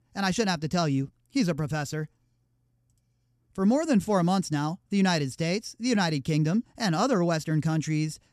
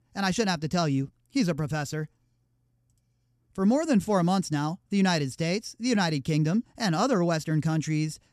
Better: neither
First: none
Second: none

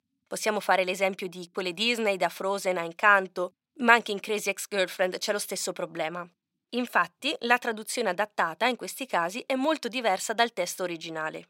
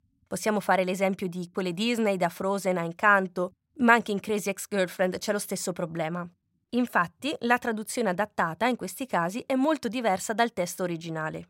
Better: second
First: thin; very slightly; fading below 300 Hz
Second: none

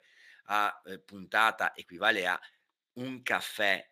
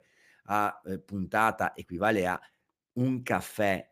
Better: second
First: thin; somewhat; fading below 650 Hz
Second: none

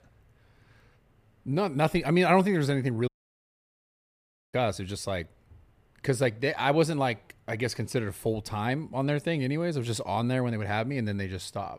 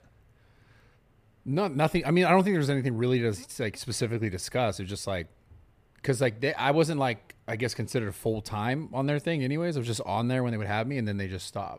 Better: second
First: audio cutting out; at 3 s for 1.5 s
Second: none

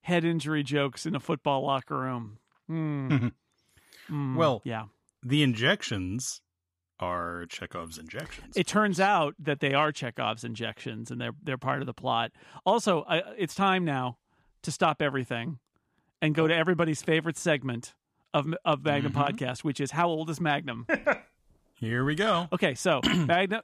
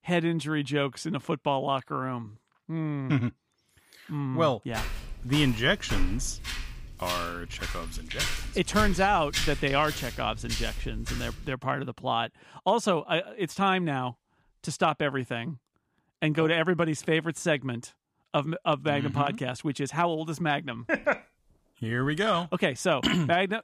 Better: first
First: none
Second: footsteps; noticeable; from 5 to 11 s; peak 1 dB below the speech

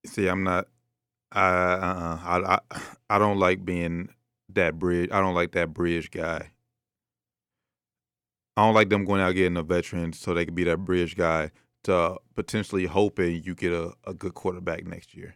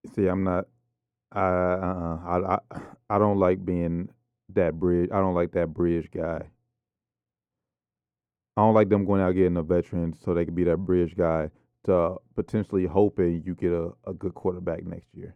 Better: first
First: none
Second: muffled; very; fading above 1.5 kHz

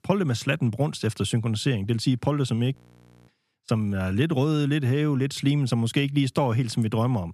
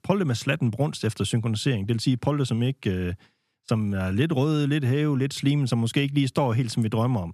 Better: second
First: audio freezing; at 3 s for 0.5 s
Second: none

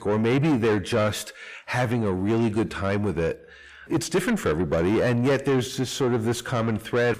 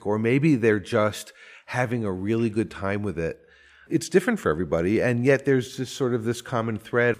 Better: second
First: distortion; heavy; 7 dB below the speech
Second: none

